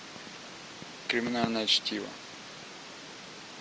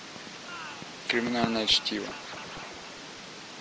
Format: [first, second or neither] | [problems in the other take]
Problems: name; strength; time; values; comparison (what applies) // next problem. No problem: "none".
first | background sound (Scratching (performance technique)); 12 dB below the speech